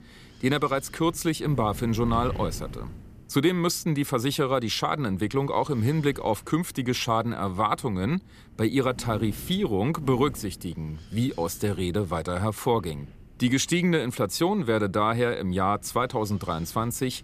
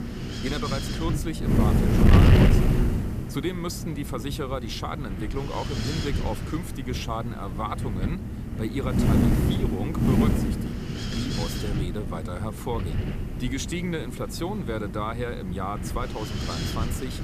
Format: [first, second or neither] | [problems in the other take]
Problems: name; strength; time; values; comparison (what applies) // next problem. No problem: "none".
first | wind noise on the microphone; heavy; as loud as the speech; occasional gusts in the first